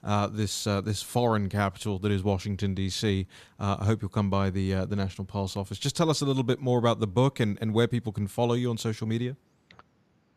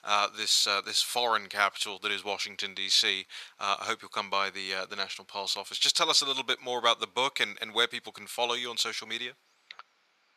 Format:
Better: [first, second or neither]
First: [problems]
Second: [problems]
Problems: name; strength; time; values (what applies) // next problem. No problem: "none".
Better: first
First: none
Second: thin; very; fading below 800 Hz